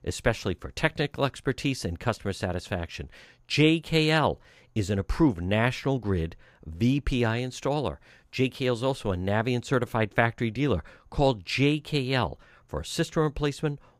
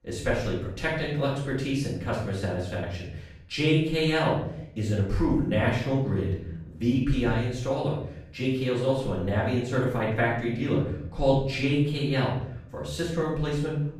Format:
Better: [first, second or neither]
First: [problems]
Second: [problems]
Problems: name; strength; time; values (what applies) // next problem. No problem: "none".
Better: first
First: none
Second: off-mic speech; far // room echo; noticeable; dies away in 0.7 s